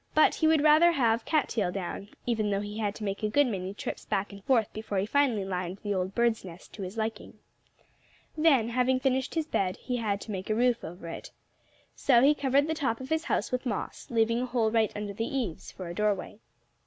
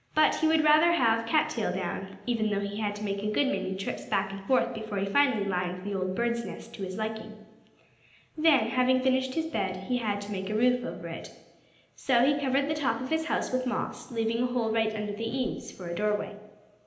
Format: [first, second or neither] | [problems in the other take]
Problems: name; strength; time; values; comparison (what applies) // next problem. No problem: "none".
first | room echo; dies away in 0.9 s